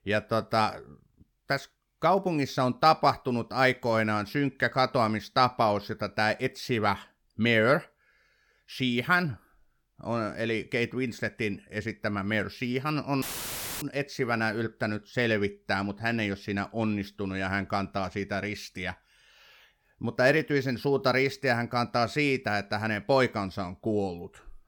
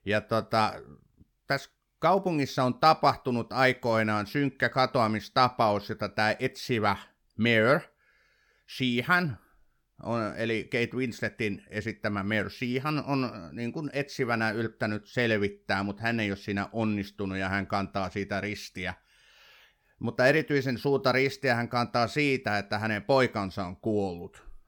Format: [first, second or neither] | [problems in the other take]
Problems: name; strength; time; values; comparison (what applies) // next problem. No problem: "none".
second | audio cutting out; filled with static; at 13 s for 0.5 s